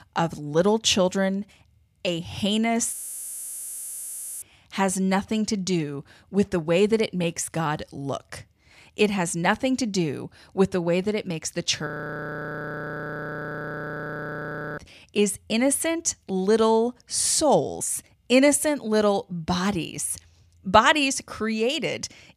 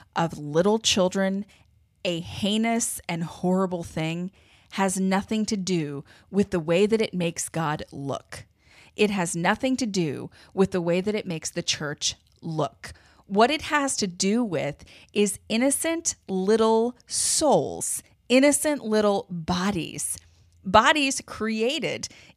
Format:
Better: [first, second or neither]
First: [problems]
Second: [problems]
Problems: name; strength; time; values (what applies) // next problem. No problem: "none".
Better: second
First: audio freezing; at 3 s for 1.5 s and at 12 s for 3 s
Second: none